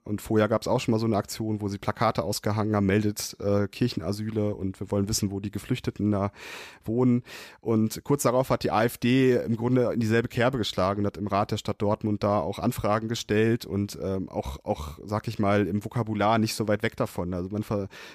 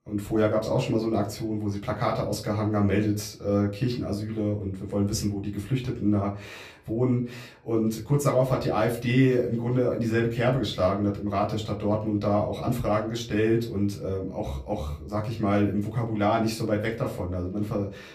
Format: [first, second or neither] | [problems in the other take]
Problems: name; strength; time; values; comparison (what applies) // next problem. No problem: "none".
first | off-mic speech; far // room echo; very slight; dies away in 0.3 s